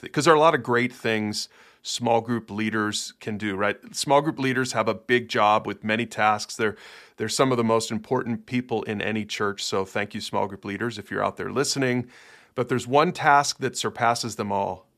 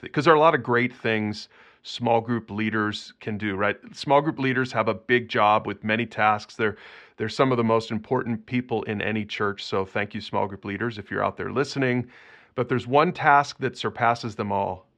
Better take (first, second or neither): first